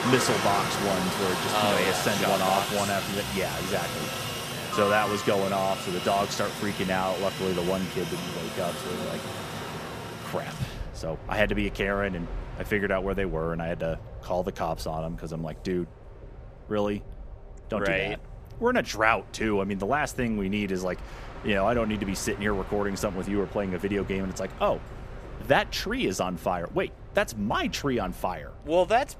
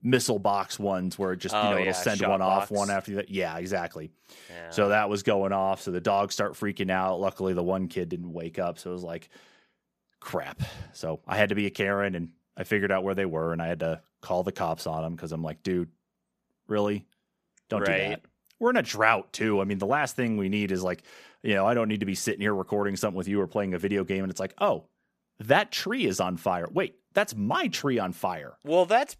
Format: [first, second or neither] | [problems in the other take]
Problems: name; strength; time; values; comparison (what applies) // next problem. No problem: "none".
second | train or aircraft noise; loud; throughout; 5 dB below the speech